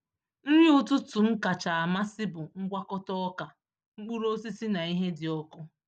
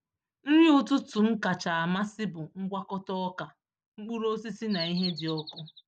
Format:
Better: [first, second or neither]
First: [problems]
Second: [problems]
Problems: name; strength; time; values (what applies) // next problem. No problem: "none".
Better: first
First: none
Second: background sound (Bird vocalization, bird call, bird song); 11 dB below the speech